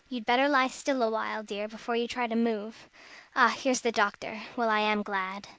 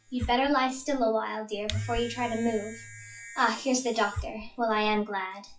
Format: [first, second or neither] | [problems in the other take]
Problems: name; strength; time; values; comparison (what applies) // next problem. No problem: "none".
first | noise reduction (classical method WPE with log-MMSE)